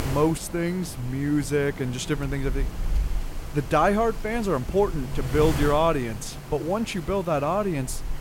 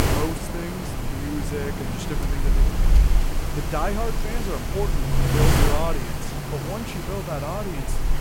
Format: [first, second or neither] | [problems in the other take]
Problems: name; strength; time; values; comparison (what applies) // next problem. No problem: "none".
first | wind noise on the microphone; heavy; as loud as the speech; occasional gusts in the first